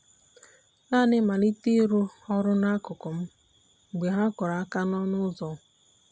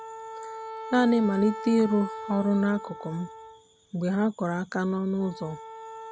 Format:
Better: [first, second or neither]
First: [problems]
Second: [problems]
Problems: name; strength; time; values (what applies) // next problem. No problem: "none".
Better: first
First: none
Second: background sound (Wind instrument, woodwind instrument); 13 dB below the speech